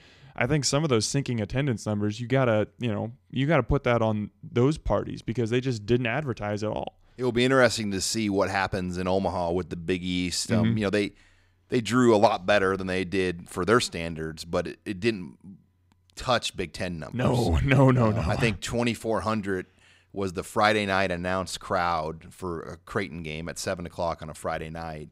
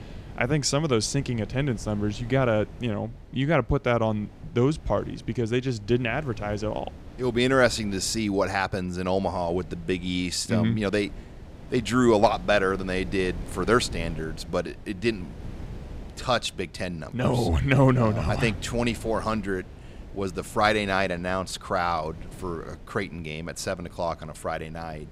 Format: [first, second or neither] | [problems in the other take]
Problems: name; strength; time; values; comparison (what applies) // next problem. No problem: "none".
first | wind noise on the microphone; occasional gusts; 25 dB below the speech